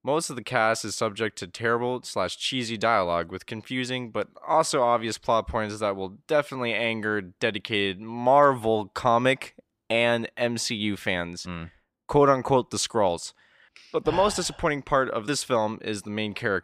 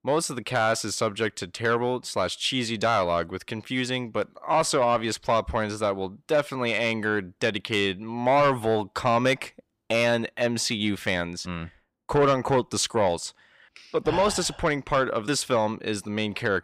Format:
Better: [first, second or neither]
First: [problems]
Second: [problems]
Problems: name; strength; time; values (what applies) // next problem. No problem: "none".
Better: first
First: none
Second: distortion; slight; 10 dB below the speech